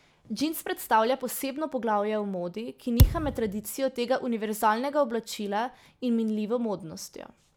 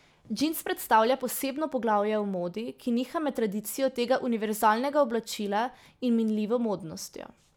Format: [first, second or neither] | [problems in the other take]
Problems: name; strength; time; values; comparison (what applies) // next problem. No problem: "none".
second | background sound (Thump, thud); 4 dB above the speech